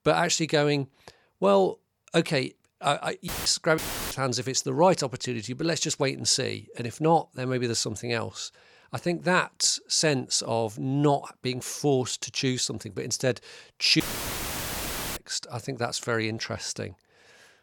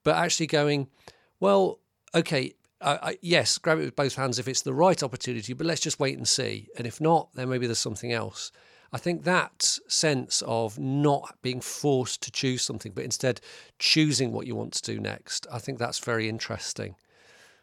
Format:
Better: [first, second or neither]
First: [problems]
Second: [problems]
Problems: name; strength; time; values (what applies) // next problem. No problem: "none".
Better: second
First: audio cutting out; filled with static; at 3.5 s, at 4 s and at 14 s for 1 s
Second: none